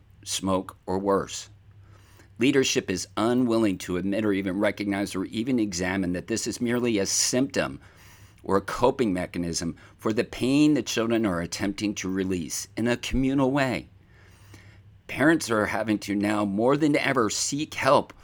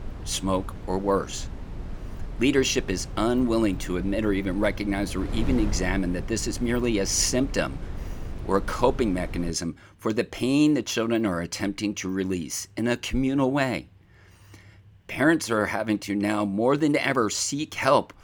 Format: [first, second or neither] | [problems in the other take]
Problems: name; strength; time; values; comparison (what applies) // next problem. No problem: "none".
first | wind noise on the microphone; occasional gusts; until 9.5 s; 20 dB below the speech